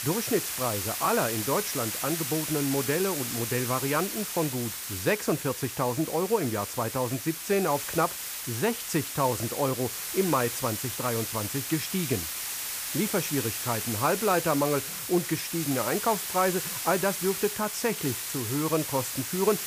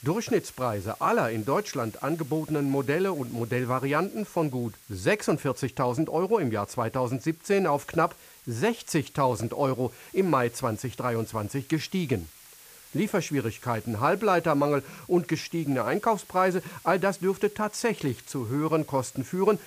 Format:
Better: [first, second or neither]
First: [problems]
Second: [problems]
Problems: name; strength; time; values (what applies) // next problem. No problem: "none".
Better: second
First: hiss; loud; throughout; 3 dB below the speech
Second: hiss; faint; throughout; 20 dB below the speech